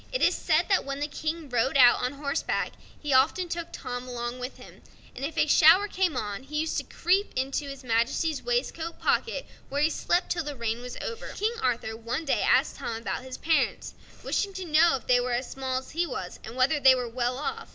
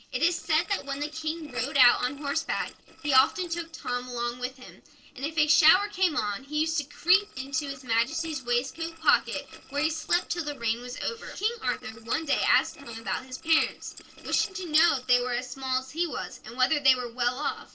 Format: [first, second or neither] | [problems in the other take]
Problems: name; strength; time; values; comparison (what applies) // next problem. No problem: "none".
first | noise reduction (neural separator model SepFormer DNS4)